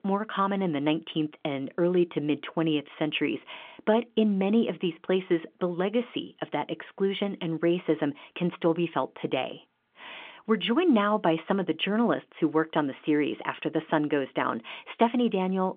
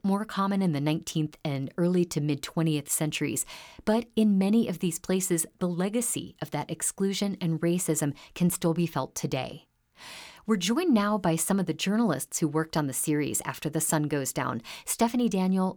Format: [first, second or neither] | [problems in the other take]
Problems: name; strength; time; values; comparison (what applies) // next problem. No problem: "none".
second | phone-call audio; nothing above 3.5 kHz